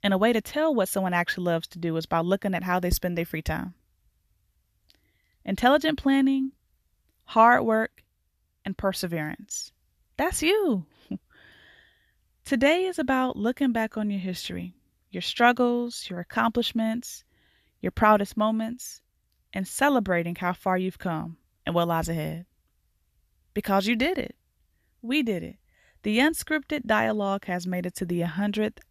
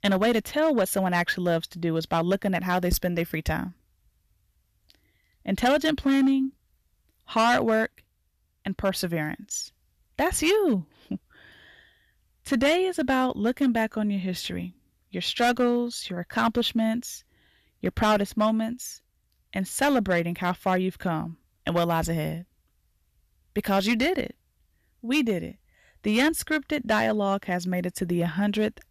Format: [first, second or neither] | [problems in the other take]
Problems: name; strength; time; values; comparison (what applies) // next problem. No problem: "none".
first | distortion; slight; 4% of the sound clipped